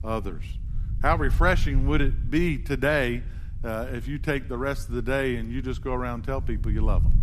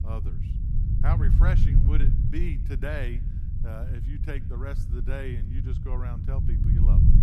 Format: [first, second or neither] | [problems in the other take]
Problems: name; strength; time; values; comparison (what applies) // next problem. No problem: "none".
first | low rumble; loud; throughout; 3 dB below the speech; faint in the first